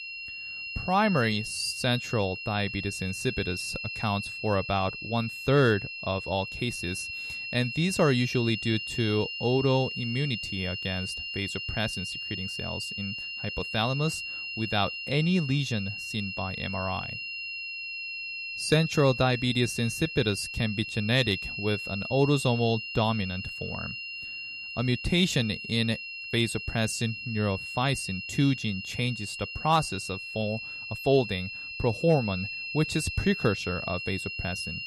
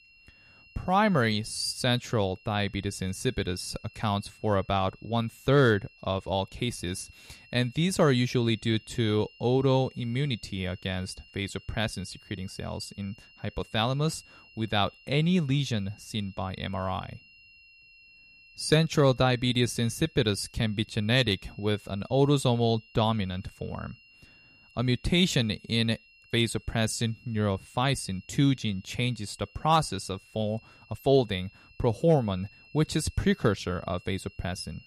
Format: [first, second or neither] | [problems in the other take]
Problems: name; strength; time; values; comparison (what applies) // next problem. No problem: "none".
second | high-pitched whine; loud; throughout; 3 kHz, 6 dB below the speech; faint in the second